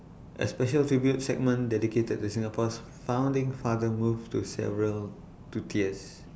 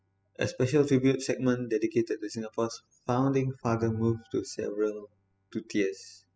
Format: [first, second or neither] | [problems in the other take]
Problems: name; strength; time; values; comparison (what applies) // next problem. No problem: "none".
first | noise reduction (classical method spectral subtraction)